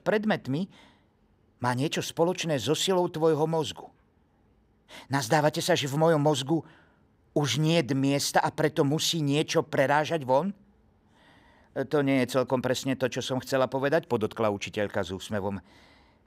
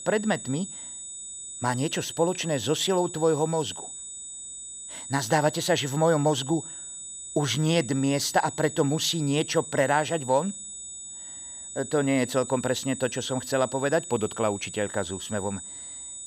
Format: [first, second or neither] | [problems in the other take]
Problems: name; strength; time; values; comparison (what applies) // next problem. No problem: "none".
first | high-pitched whine; loud; throughout; 8 kHz, 10 dB below the speech